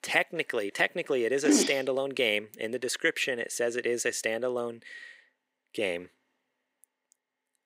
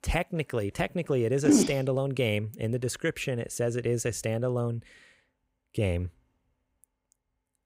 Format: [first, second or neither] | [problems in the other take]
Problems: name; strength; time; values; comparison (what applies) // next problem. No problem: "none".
second | thin; somewhat; fading below 300 Hz